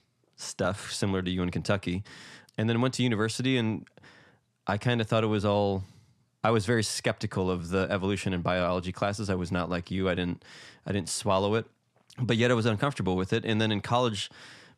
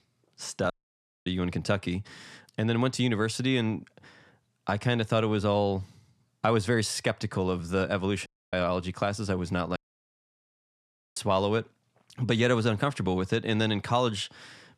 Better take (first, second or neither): first